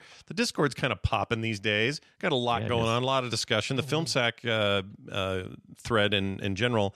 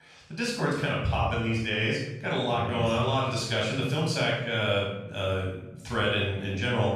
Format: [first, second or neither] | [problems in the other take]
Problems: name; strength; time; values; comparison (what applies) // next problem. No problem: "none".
first | off-mic speech; far // room echo; noticeable; dies away in 0.8 s